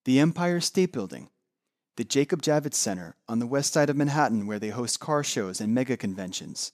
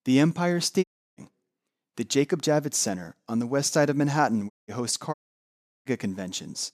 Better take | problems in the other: first | audio cutting out; at 1 s, at 4.5 s and at 5 s for 0.5 s

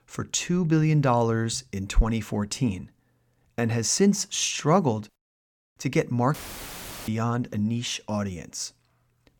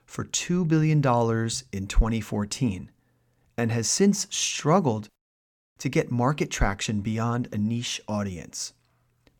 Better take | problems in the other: second | audio cutting out; filled with static; at 6.5 s for 0.5 s

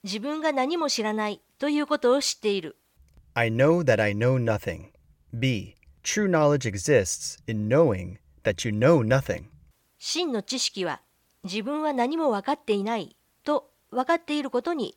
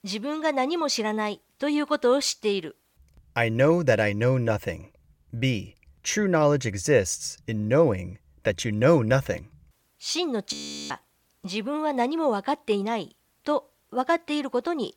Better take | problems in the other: first | audio freezing; at 11 s

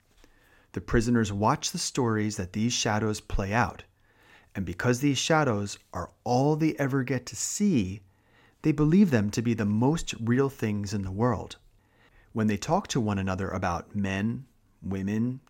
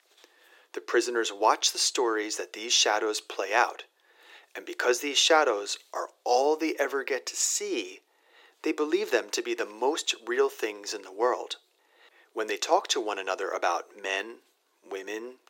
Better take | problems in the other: first | thin; very; fading below 350 Hz

